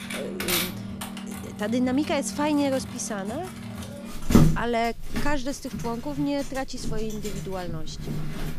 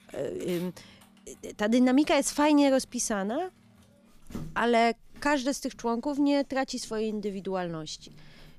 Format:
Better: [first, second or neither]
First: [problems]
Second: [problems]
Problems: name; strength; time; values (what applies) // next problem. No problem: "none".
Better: second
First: household noises; loud; throughout; 1 dB below the speech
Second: household noises; faint; throughout; 25 dB below the speech